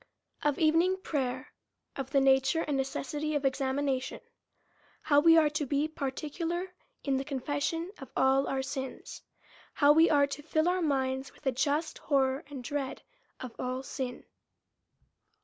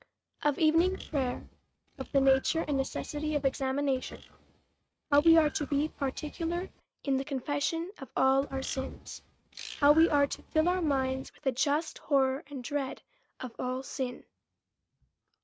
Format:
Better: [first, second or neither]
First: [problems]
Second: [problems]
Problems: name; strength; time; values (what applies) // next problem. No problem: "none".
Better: first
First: none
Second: noise reduction (neural mask model RNNoise)